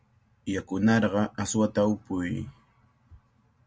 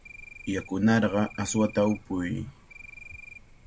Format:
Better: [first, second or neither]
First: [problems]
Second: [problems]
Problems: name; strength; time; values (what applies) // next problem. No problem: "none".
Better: first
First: none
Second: background sound (Cricket); 19 dB below the speech